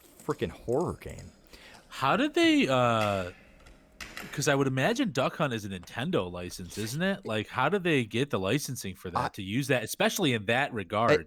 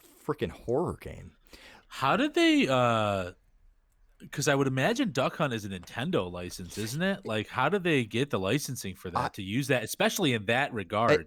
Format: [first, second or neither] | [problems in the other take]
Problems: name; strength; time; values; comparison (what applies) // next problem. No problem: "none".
second | keyboard typing; faint; until 4.5 s; peak 10 dB below the speech